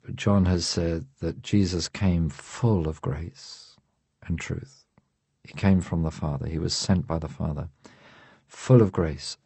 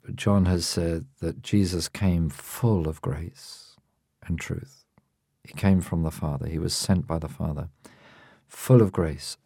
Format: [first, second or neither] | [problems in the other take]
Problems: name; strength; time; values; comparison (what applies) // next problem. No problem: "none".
second | garbled, watery; slightly; nothing above 8 kHz